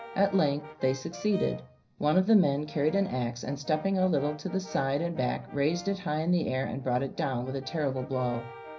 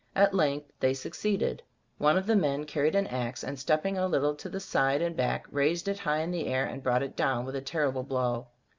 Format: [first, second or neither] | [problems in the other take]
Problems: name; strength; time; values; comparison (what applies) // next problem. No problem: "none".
second | background sound (Brass instrument); 17 dB below the speech // room echo; dies away in 0.5 s